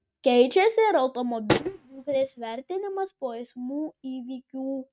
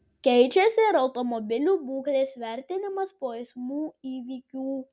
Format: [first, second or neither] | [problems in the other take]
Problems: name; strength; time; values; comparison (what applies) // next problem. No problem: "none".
second | noise reduction (neural mask model RNNoise)